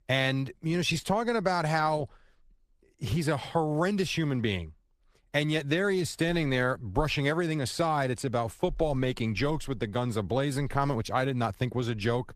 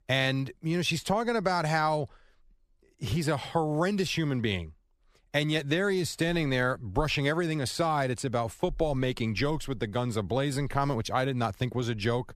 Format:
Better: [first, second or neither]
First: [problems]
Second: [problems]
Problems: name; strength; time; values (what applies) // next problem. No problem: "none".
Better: second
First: garbled, watery; slightly; nothing above 14.5 kHz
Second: none